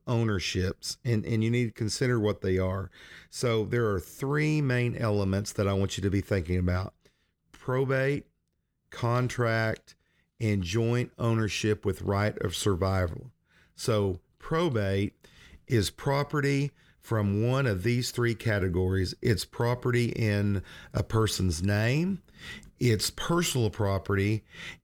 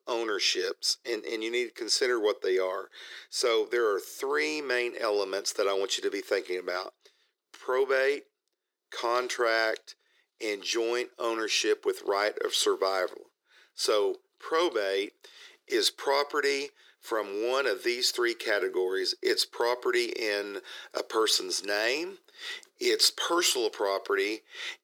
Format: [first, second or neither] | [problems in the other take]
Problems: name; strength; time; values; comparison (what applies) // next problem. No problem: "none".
first | thin; very; fading below 350 Hz